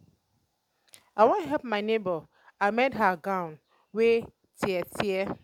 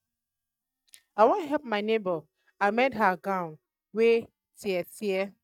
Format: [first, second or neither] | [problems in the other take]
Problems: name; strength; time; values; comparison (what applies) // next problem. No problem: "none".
first | noise reduction (neural mask model DeepFilterNet 3)